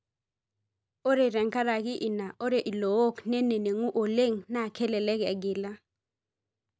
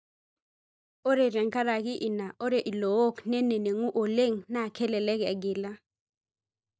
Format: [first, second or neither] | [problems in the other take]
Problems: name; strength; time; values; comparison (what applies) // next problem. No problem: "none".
first | noise reduction (neural mask model DeepFilterNet 3)